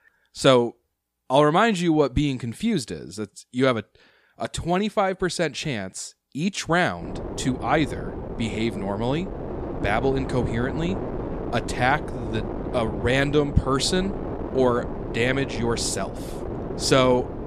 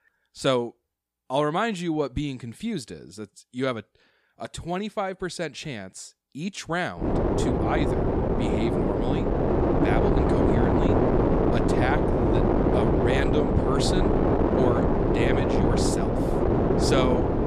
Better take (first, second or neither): first